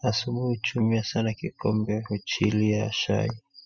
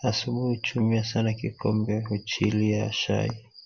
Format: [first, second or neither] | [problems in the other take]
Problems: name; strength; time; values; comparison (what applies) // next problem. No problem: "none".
second | noise reduction (classical method spectral subtraction)